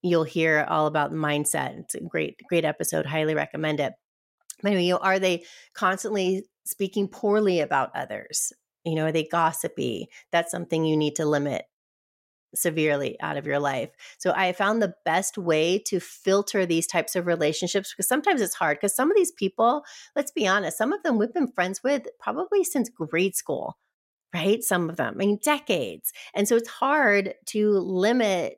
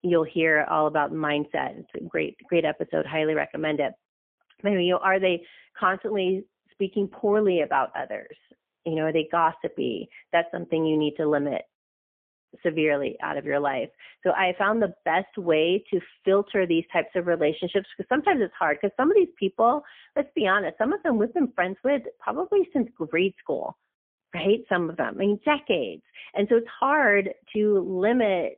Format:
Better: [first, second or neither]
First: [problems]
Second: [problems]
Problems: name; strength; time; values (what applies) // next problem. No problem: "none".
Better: first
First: none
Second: phone-call audio; poor line; nothing above 3.5 kHz